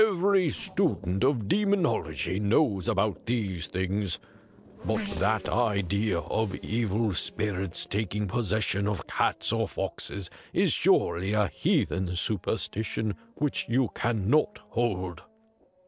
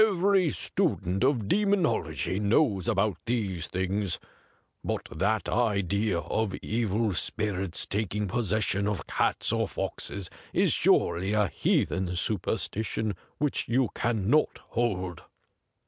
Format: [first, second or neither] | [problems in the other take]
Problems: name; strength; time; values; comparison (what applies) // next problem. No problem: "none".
second | noise reduction (neural separator model SepFormer DNS4)